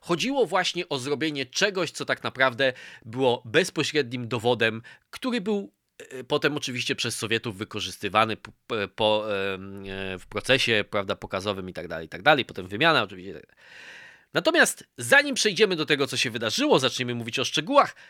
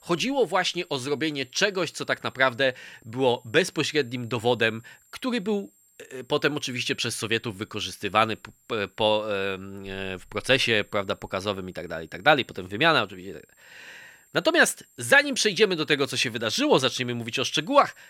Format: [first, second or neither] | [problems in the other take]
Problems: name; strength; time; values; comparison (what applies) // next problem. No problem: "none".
first | high-pitched whine; faint; throughout; 7.5 kHz, 35 dB below the speech